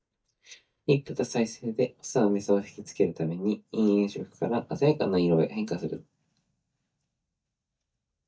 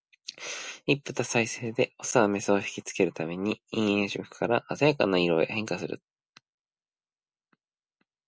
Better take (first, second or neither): second